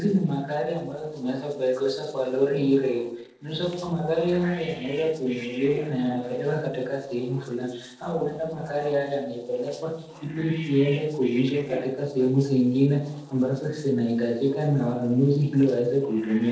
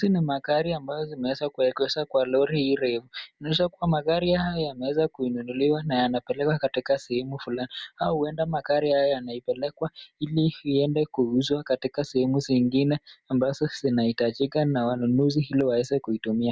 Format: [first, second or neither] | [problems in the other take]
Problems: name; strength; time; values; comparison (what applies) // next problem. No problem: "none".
second | noise reduction (neural separator model SepFormer DNS4)